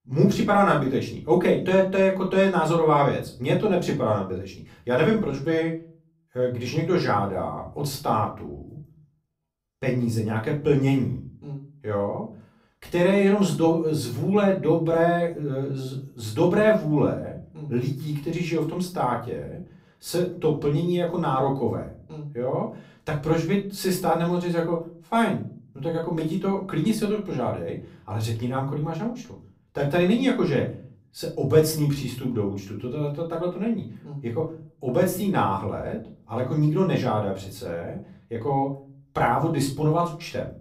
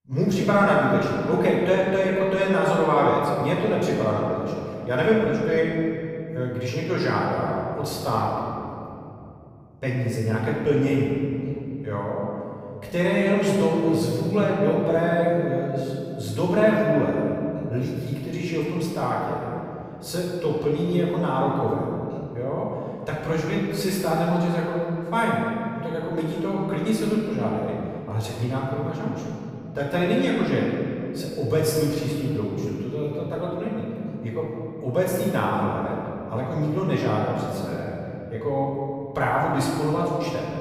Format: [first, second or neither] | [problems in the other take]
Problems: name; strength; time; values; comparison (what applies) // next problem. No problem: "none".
first | room echo; strong; dies away in 2.6 s; slight in the first // off-mic speech; far; far in the first